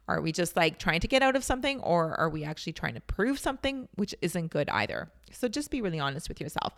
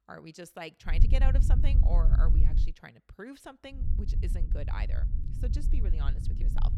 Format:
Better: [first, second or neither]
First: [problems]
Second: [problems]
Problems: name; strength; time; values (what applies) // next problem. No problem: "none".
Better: first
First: none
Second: low rumble; loud; from 1 to 2.5 s and from 4 s on; 5 dB below the speech